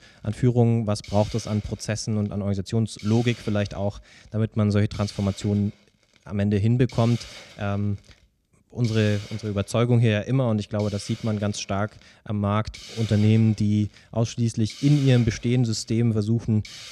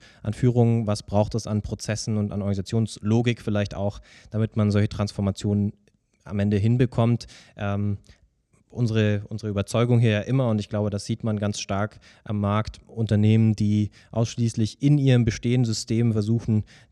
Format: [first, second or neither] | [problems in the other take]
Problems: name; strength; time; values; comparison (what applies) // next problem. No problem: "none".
second | hiss; noticeable; throughout; 20 dB below the speech